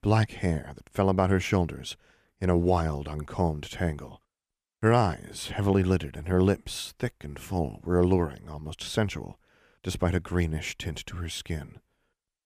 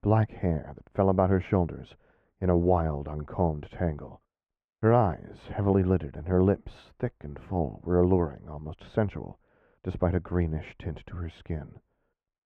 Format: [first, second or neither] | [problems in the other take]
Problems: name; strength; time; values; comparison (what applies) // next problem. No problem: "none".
first | muffled; very; fading above 3.5 kHz